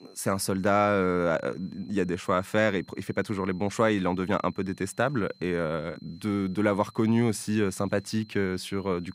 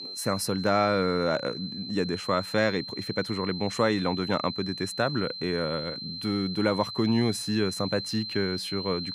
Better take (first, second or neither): first